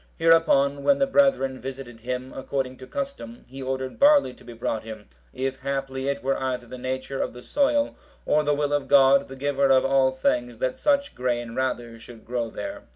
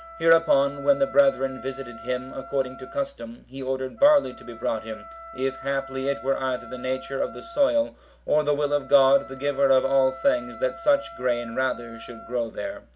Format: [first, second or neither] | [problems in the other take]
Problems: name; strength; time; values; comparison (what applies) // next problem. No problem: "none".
first | background sound (Wind instrument, woodwind instrument); 17 dB below the speech